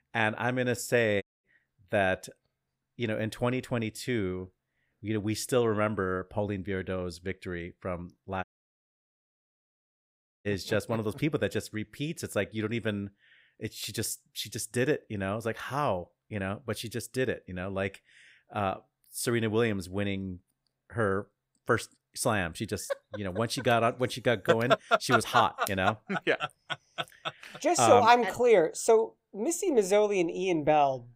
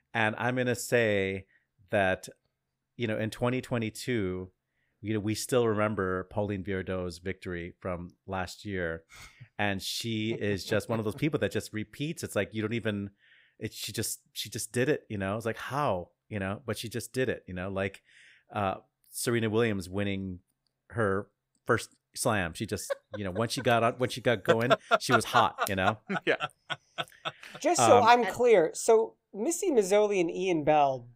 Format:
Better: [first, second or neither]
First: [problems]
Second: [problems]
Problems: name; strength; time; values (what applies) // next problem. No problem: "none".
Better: second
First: audio cutting out; at 1 s and at 8.5 s for 2 s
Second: none